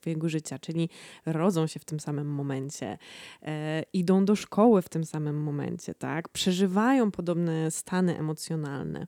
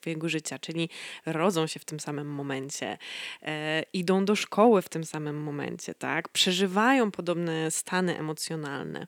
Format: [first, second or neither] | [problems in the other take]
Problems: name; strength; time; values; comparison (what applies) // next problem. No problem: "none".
first | thin; very slightly; fading below 400 Hz